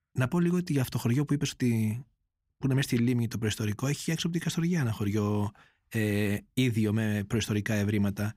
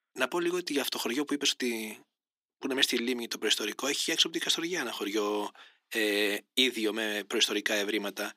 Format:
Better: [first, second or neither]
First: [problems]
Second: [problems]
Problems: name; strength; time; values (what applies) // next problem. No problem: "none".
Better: first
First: none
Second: thin; very; fading below 300 Hz